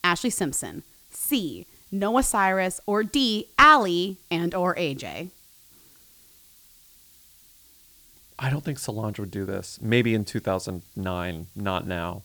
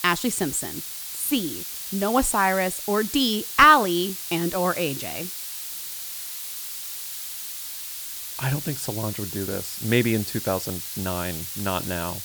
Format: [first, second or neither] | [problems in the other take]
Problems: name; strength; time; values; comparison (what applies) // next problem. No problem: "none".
first | hiss; loud; throughout; 7 dB below the speech; faint in the first